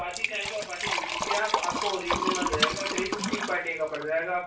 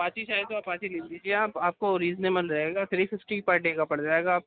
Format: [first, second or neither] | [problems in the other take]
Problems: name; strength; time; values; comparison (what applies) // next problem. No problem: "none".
second | background sound (Liquid); 1 dB above the speech // room echo; dies away in 0.3 s